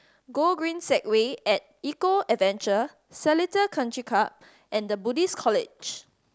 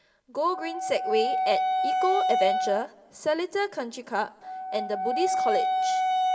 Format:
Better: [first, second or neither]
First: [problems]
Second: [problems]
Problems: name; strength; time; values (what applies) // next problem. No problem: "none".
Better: first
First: none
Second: background sound (Wind instrument, woodwind instrument); 2 dB above the speech // room echo; dies away in 1.2 s